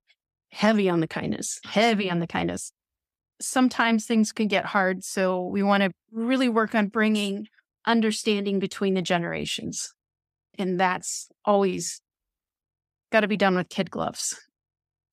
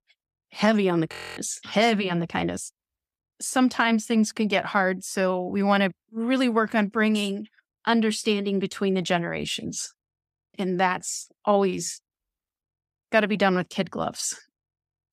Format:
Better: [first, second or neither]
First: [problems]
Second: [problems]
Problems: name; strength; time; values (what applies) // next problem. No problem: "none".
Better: first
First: none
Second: audio freezing; at 1 s